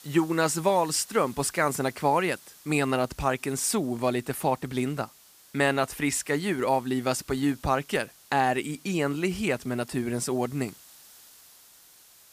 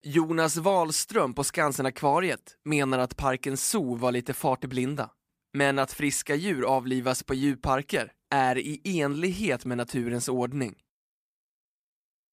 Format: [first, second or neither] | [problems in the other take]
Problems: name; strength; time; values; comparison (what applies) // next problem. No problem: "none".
second | hiss; faint; throughout; 25 dB below the speech